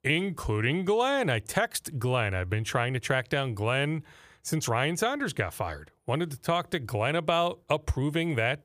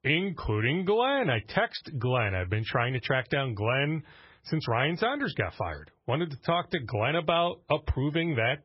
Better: first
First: none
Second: garbled, watery; badly; nothing above 5.5 kHz

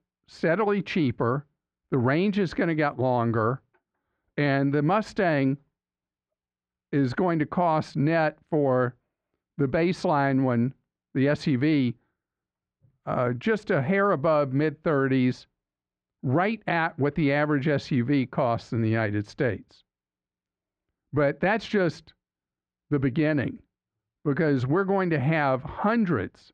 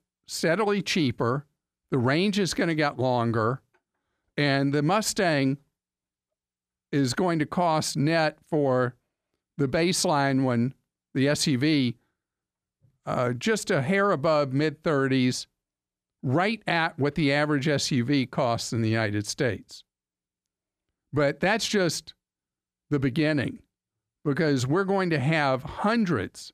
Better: second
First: muffled; slightly; fading above 2 kHz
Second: none

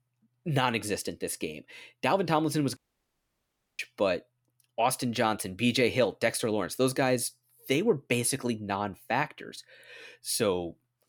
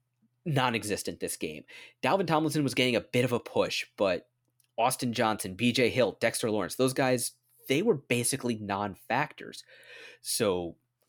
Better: second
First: audio cutting out; at 3 s for 1 s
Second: none

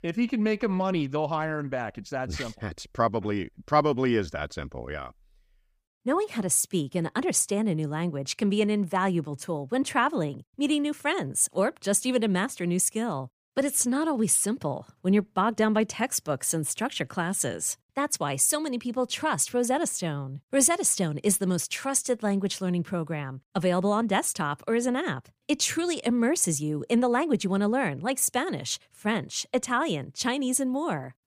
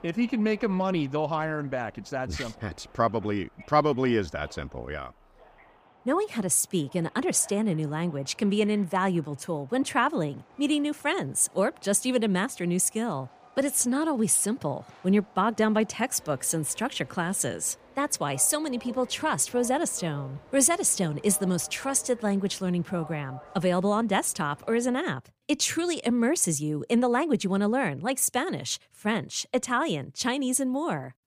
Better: first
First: none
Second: train or aircraft noise; faint; until 25 s; 25 dB below the speech

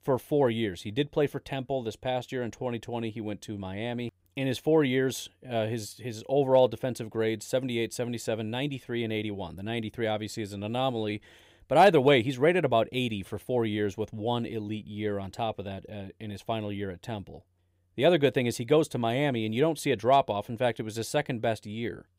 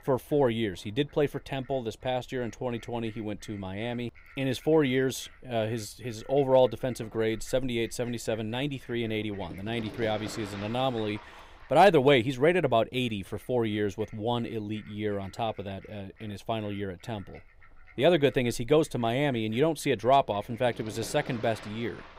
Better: first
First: none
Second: animal sounds; faint; throughout; 20 dB below the speech

